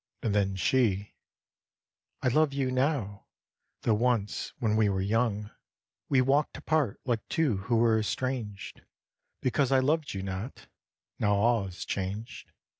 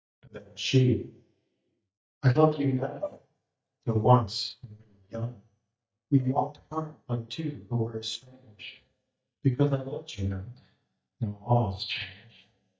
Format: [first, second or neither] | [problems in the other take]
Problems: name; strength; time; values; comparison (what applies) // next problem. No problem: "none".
first | noise reduction (neural mask model DeepFilterNet 3)